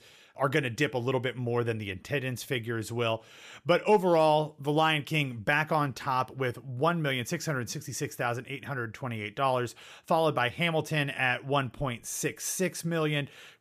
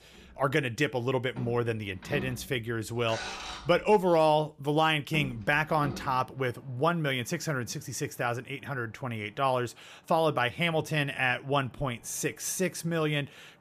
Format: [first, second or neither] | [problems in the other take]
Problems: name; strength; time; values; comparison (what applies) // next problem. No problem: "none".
first | traffic noise; noticeable; throughout; 15 dB below the speech